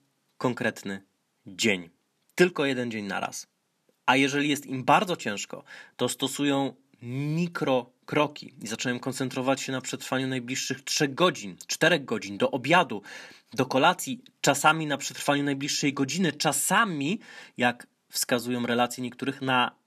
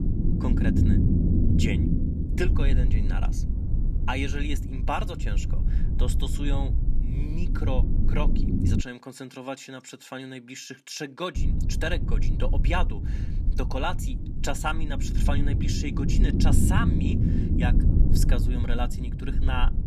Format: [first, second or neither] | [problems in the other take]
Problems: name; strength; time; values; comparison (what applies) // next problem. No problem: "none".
first | low rumble; loud; until 9 s and from 11 s on; 4 dB below the speech